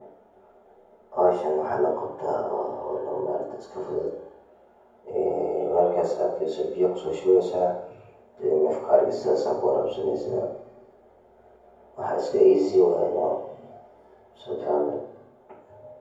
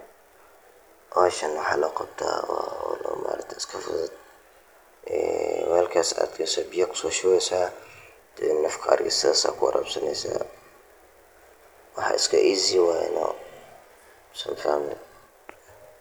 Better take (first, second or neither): second